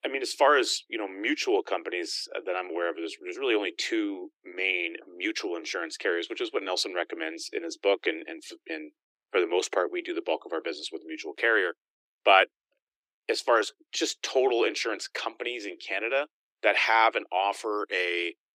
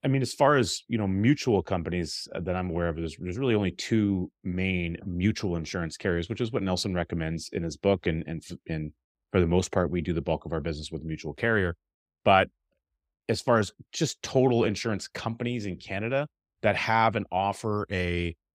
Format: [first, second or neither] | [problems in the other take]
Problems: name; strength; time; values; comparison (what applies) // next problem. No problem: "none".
second | thin; very; fading below 300 Hz